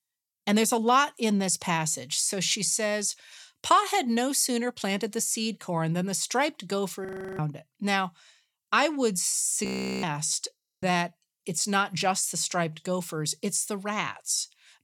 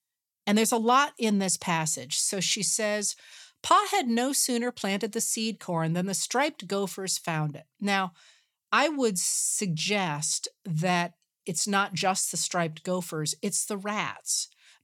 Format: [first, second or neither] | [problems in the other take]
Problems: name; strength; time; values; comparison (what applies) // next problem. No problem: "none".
second | audio freezing; at 7 s, at 9.5 s and at 11 s